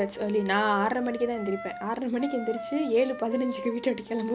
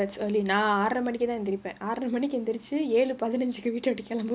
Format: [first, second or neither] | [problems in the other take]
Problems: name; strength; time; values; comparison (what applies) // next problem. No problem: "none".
second | background sound (Wind instrument, woodwind instrument); 11 dB below the speech